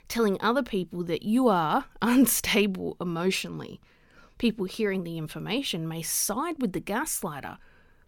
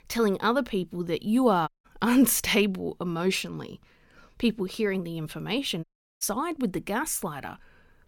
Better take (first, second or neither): first